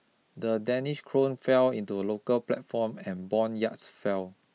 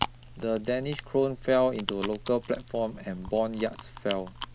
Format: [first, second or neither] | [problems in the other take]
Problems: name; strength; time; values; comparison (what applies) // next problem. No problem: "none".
first | background sound (Chewing, mastication); 11 dB below the speech